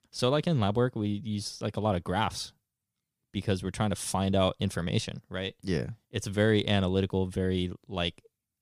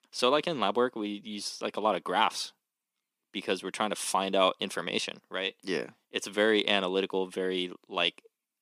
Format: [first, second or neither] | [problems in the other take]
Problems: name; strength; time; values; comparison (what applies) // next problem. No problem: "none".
first | thin; somewhat; fading below 250 Hz